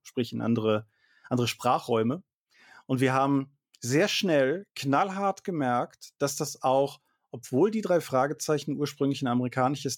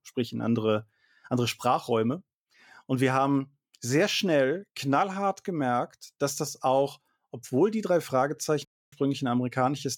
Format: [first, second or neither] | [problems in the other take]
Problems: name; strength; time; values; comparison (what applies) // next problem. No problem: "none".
first | audio cutting out; at 8.5 s